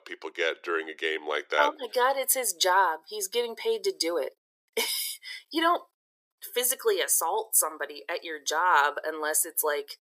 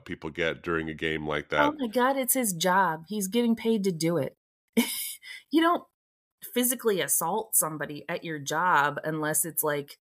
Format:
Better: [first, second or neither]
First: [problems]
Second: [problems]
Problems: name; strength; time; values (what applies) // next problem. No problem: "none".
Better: second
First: thin; very; fading below 350 Hz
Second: none